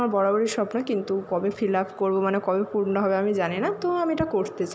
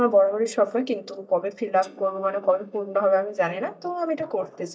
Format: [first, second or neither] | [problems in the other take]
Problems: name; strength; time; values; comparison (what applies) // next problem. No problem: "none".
first | noise reduction (neural mask model DeepFilterNet 3)